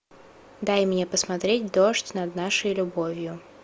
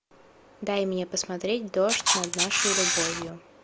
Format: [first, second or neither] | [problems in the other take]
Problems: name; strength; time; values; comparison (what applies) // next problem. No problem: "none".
first | background sound (Camera); 4 dB above the speech